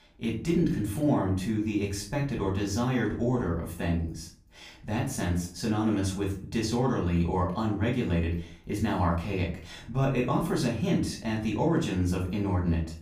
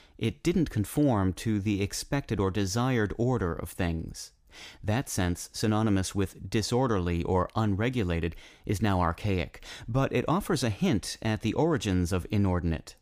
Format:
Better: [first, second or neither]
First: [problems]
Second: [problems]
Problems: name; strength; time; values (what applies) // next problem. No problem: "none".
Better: second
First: off-mic speech; far // room echo; slight; dies away in 0.4 s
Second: none